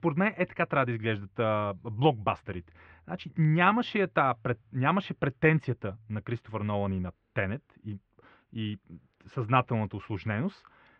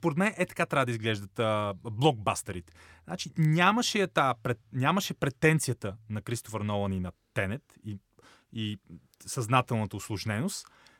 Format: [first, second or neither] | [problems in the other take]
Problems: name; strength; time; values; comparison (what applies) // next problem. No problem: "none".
second | muffled; very; fading above 3 kHz